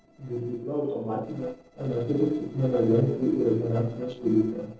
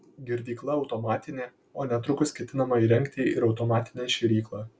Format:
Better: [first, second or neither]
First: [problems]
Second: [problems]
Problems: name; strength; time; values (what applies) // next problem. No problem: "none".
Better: second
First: noise reduction (neural separator model SepFormer DNS4)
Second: none